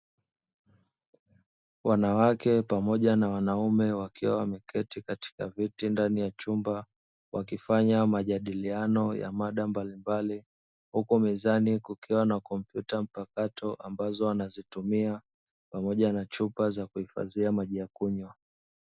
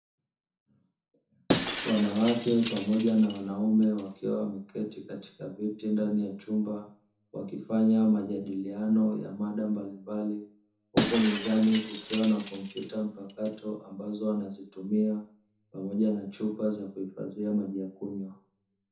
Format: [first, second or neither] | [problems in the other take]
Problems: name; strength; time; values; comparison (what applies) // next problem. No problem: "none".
first | background sound (Shatter); 7 dB below the speech // room echo; dies away in 0.7 s